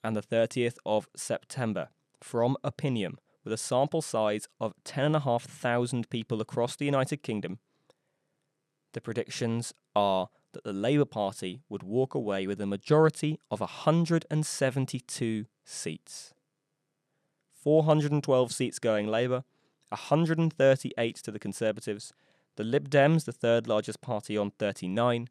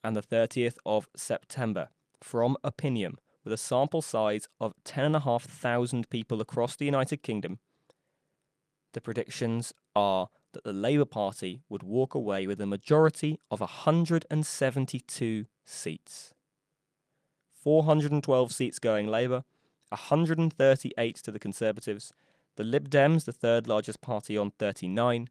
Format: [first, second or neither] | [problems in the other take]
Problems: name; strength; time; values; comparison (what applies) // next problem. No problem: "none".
first | garbled, watery; slightly